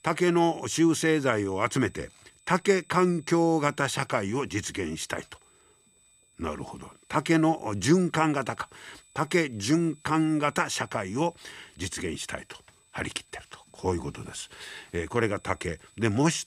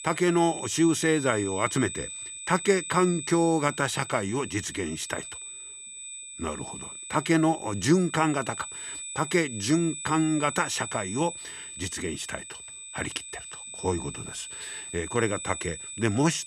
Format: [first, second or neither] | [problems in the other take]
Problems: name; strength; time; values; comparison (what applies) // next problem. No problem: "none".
first | high-pitched whine; loud; throughout; 8 kHz, 9 dB below the speech; faint in the first